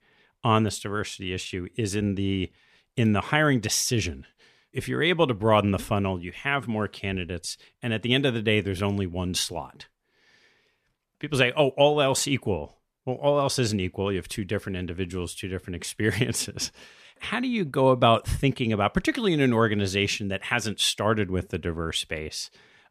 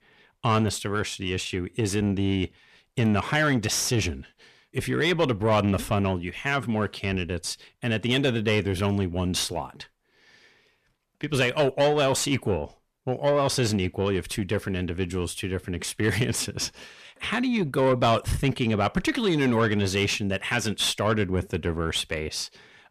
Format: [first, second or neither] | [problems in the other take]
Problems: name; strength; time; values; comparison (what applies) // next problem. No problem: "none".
first | distortion; slight; 10 dB below the speech